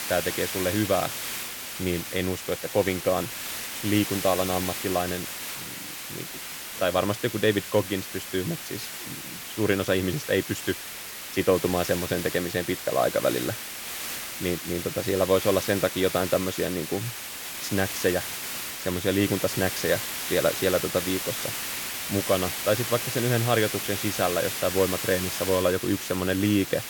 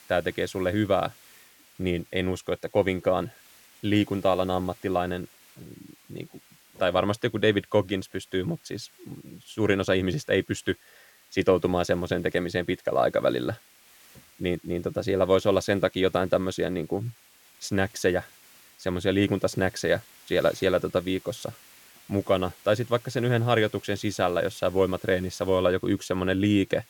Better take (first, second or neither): second